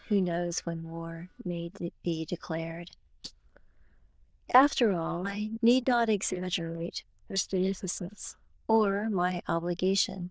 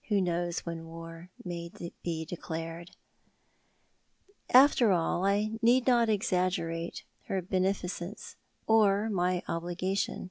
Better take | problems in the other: second | noise reduction (neural diffusion model UNIVERSE++)

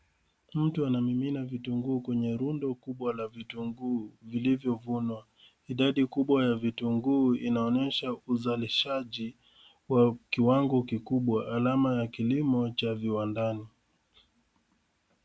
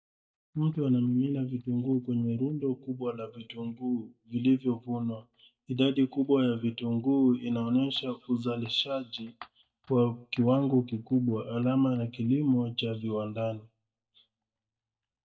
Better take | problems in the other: first | noise reduction (neural mask model DeepFilterNet 3)

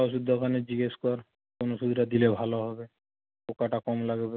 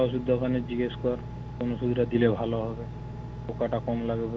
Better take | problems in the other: first | background sound (Engine); 9 dB below the speech

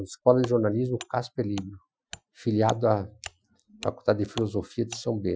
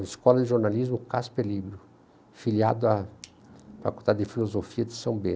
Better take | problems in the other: second | noise reduction (classical method Wiener filter)

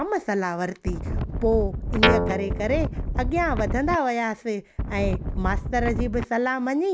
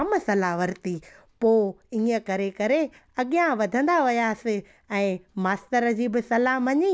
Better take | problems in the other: second | background sound (Wind + Guitar); 1 dB above the speech

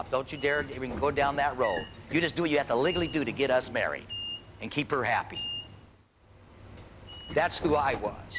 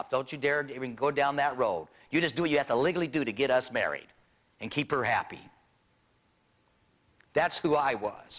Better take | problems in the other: second | background sound (Sliding door / Train); 11 dB below the speech

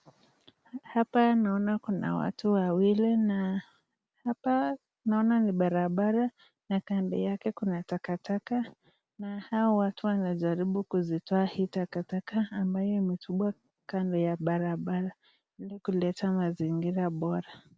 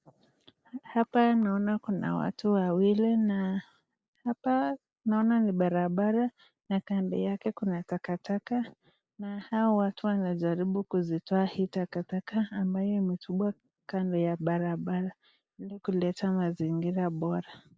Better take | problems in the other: first | noise reduction (neural mask model Resemble Enhance denoiser)

